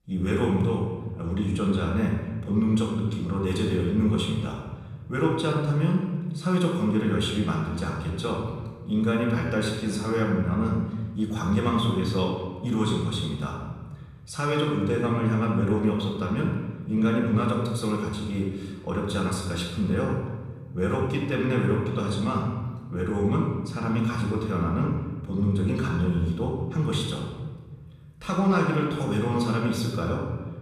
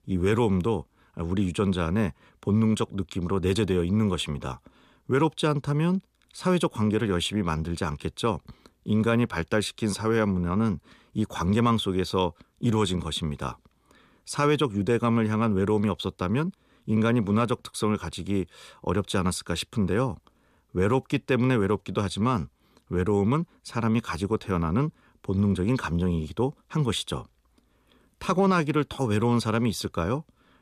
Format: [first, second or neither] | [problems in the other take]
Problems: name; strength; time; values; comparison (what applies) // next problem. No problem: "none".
second | off-mic speech; far // room echo; noticeable; dies away in 1.3 s